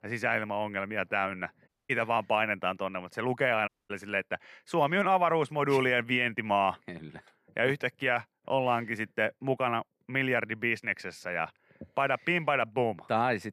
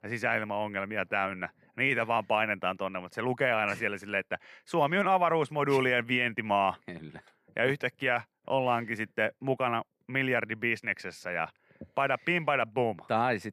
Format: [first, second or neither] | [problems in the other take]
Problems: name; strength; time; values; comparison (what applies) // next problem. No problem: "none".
second | audio cutting out; at 1.5 s and at 3.5 s